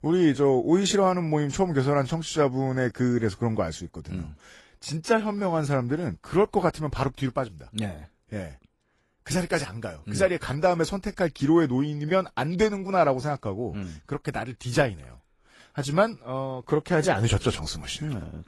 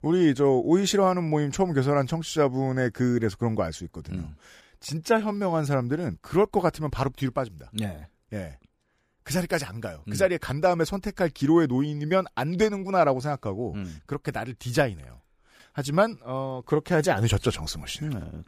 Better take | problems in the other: second | garbled, watery; slightly; nothing above 11.5 kHz

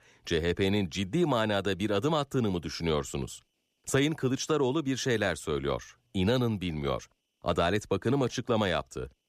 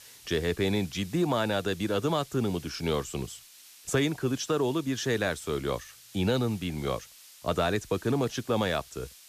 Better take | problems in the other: first | hiss; noticeable; throughout; 20 dB below the speech

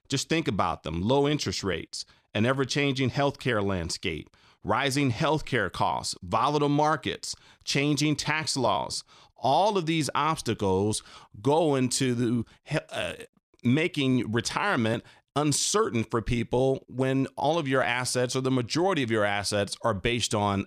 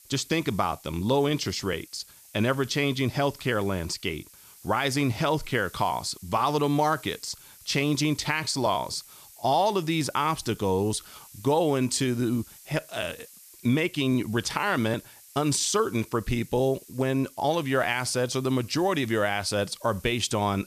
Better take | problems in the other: first | hiss; faint; throughout; 20 dB below the speech

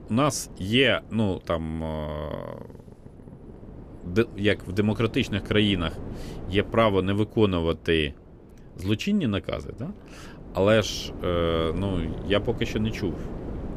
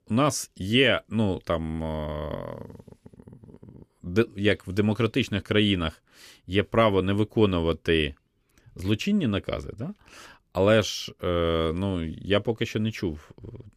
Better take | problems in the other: second | wind noise on the microphone; occasional gusts; 20 dB below the speech

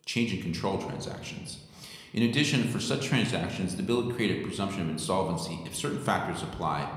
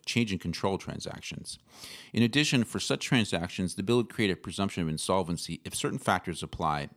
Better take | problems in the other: second | room echo; slight; dies away in 1.1 s

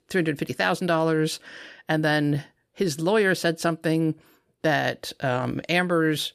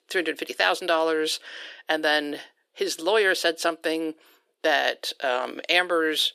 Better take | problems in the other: first | thin; very; fading below 350 Hz

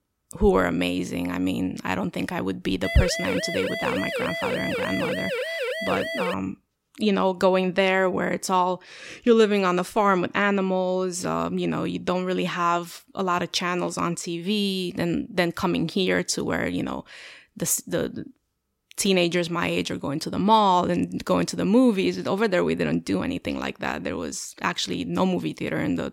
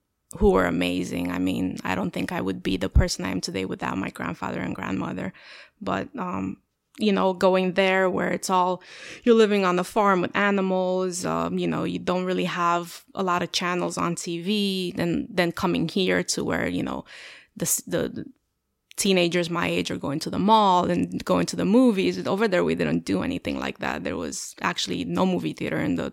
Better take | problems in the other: second | siren; noticeable; from 3 to 6.5 s; peak 3 dB below the speech

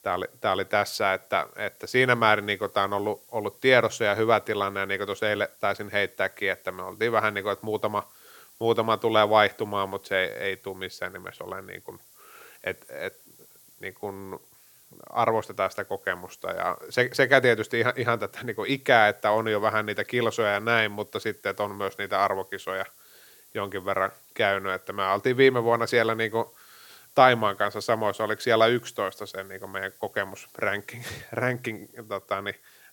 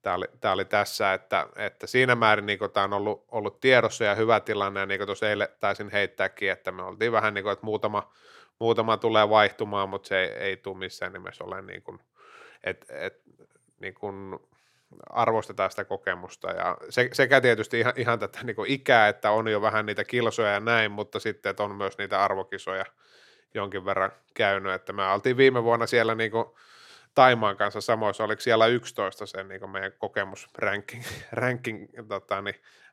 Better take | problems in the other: second | hiss; faint; throughout; 25 dB below the speech

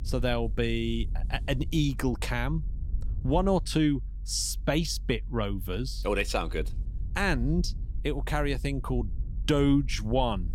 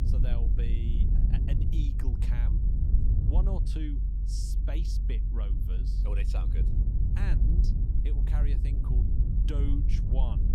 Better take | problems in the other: first | low rumble; loud; throughout; as loud as the speech; faint in the first

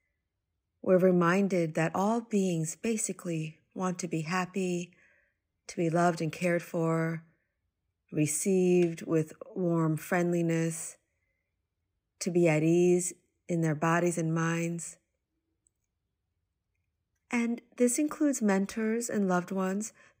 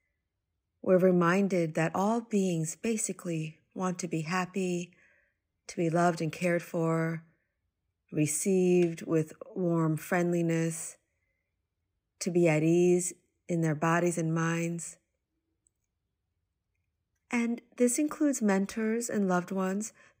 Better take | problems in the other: neither | none

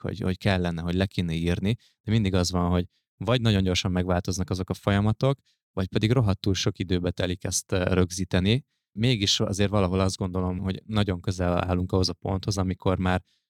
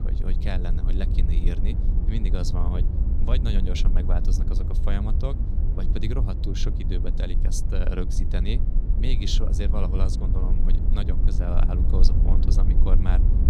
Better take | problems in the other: first | low rumble; loud; throughout; 5 dB below the speech

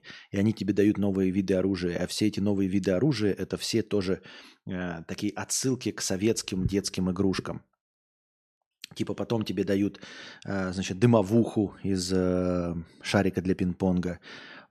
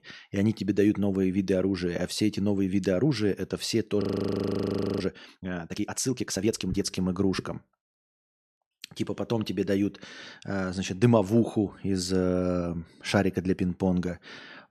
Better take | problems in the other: first | audio freezing; at 4 s for 1 s

